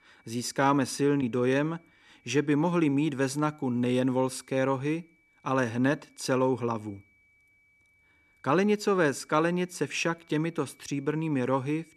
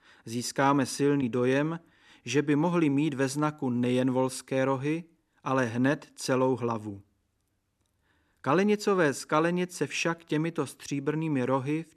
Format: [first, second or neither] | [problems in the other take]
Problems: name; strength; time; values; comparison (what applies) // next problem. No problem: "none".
second | high-pitched whine; faint; throughout; 2.5 kHz, 35 dB below the speech